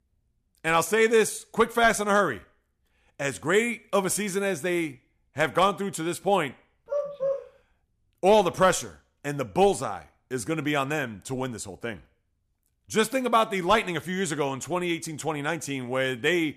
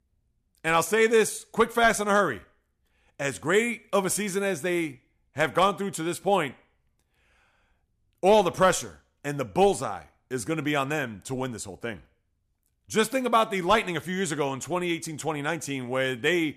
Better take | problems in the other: second | dog barking; noticeable; at 7 s; peak 3 dB below the speech

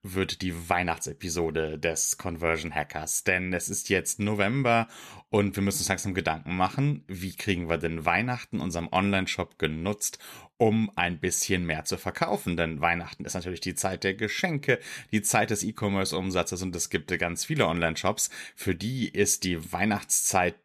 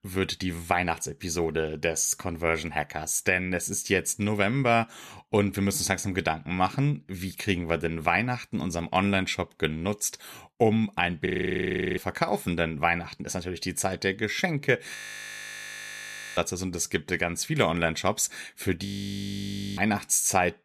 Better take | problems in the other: first | audio freezing; at 11 s for 0.5 s, at 15 s for 1.5 s and at 19 s for 1 s

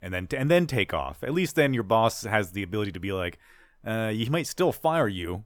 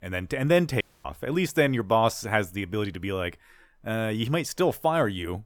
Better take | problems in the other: first | audio cutting out; at 1 s

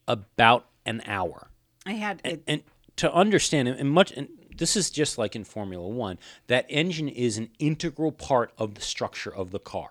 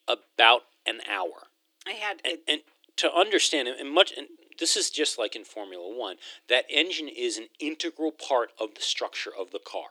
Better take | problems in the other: first | thin; somewhat; fading below 300 Hz

